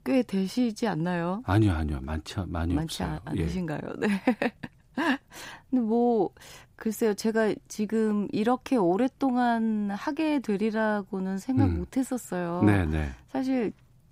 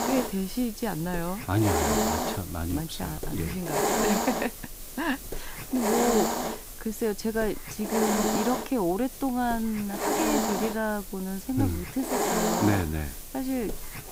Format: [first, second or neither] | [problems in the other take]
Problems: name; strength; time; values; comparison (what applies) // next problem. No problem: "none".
first | hiss; loud; throughout; 1 dB below the speech